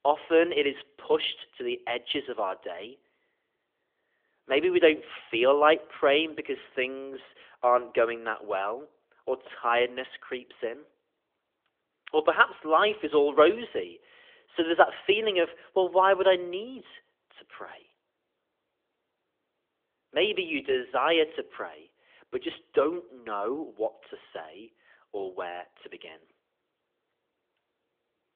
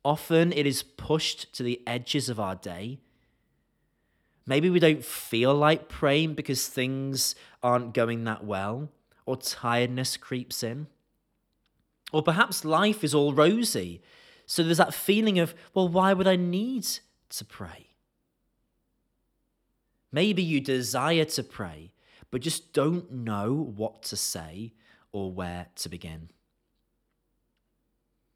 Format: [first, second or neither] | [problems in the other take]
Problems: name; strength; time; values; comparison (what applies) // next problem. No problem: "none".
second | phone-call audio; nothing above 3.5 kHz